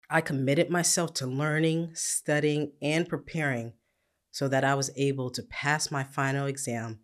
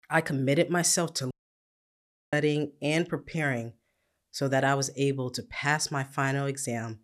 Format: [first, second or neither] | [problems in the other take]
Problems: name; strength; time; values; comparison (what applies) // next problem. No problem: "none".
first | audio cutting out; at 1.5 s for 1 s